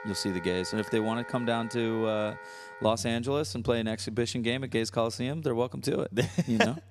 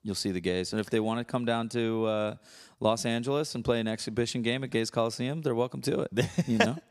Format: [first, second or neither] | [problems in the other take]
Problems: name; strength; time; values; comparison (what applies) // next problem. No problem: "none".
second | background music; noticeable; throughout; 15 dB below the speech